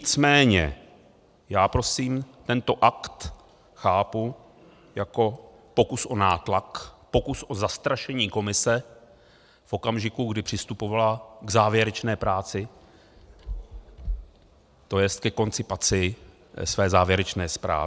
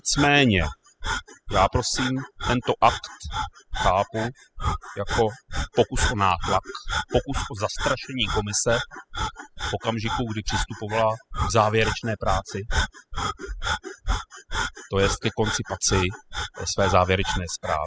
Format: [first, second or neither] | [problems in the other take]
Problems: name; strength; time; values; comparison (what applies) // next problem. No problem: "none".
first | noise reduction (classical method spectral subtraction)